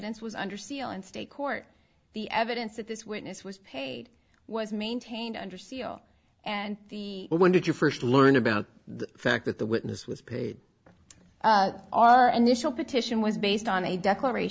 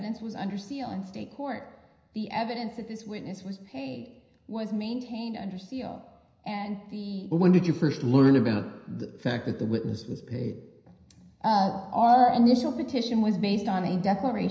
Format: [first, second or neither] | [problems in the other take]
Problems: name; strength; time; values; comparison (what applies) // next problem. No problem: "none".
first | room echo; dies away in 0.9 s